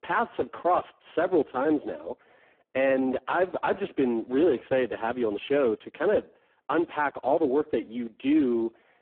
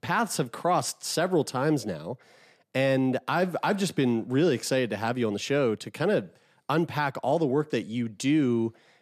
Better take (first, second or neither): second